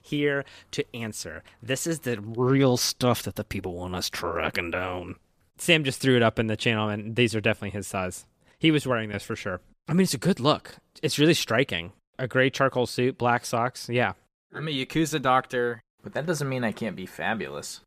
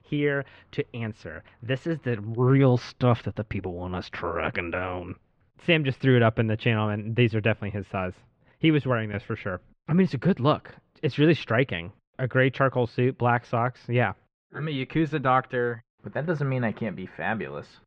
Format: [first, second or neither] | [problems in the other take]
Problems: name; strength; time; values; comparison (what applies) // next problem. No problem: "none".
first | muffled; very; fading above 2.5 kHz